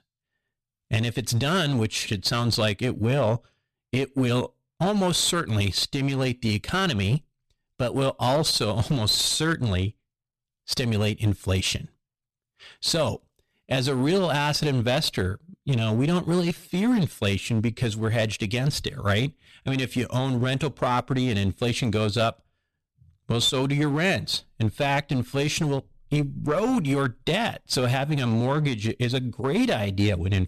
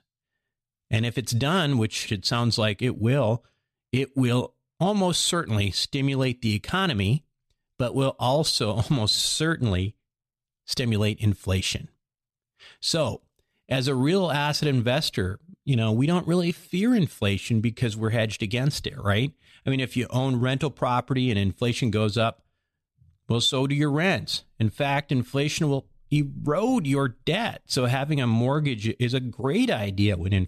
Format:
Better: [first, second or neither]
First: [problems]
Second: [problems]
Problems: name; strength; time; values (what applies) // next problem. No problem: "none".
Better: second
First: distortion; slight; 9% of the sound clipped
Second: none